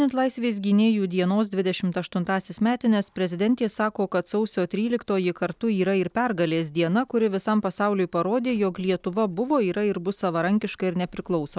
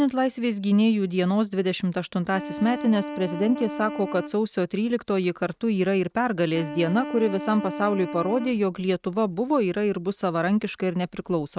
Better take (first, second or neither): first